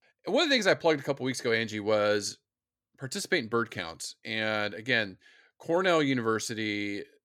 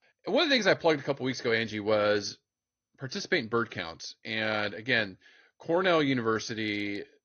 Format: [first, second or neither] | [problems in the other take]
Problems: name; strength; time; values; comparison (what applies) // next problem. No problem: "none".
first | garbled, watery; slightly; nothing above 6.5 kHz